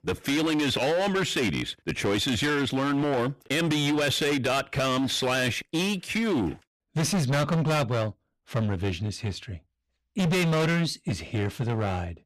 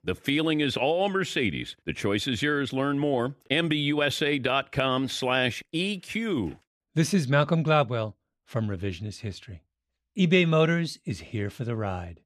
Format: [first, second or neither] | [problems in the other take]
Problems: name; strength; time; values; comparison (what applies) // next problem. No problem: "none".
second | distortion; heavy; 22% of the sound clipped